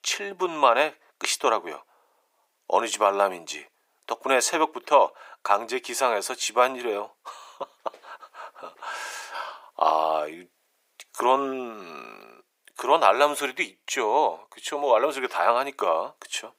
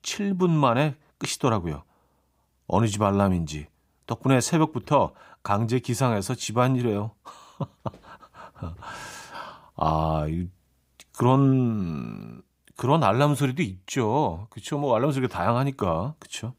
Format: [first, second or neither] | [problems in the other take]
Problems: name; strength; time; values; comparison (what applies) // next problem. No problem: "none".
second | thin; very; fading below 450 Hz